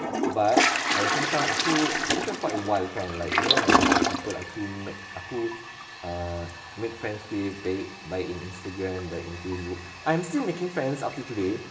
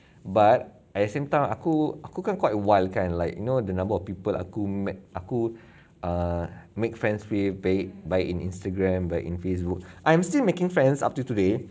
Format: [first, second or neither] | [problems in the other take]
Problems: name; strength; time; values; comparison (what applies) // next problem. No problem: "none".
second | background sound (Toilet flush); 2 dB above the speech // room echo; dies away in 0.8 s